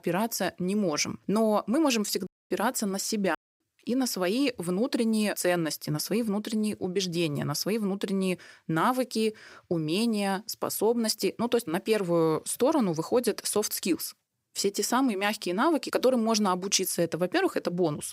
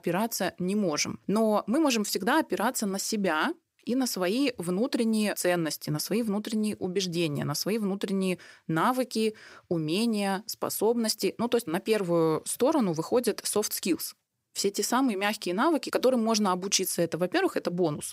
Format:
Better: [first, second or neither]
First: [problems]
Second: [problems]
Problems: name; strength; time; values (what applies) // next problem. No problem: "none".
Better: second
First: audio cutting out; at 2.5 s and at 3.5 s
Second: none